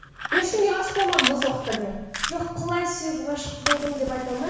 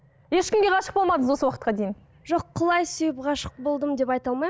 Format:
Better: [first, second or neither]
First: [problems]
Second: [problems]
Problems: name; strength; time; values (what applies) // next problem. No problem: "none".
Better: second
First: background sound (Fire); 4 dB below the speech // room echo; dies away in 1.1 s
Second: none